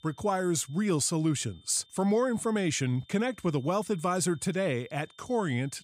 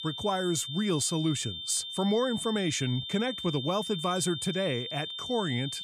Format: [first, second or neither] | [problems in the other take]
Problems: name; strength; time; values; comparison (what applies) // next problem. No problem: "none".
first | high-pitched whine; loud; throughout; 3.5 kHz, 6 dB below the speech; faint in the first